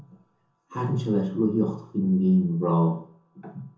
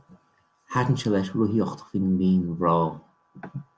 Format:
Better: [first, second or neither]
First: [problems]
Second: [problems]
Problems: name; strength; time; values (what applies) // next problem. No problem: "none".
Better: second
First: room echo; dies away in 0.5 s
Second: none